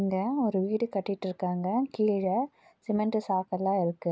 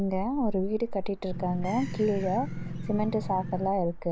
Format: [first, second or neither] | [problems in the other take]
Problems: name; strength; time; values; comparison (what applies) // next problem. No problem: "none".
first | background sound (Engine + Gull, seagull / Fowl); 5 dB below the speech